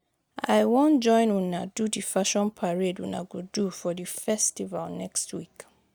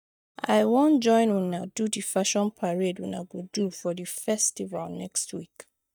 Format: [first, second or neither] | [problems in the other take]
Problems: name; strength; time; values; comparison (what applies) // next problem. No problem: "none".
first | noise reduction (neural mask model DeepFilterNet 3)